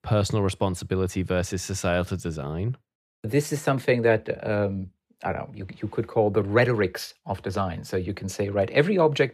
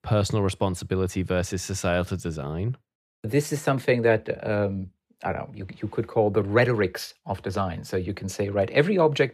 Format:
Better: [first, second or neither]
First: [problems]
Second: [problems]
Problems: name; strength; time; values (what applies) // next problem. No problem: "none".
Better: neither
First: none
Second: none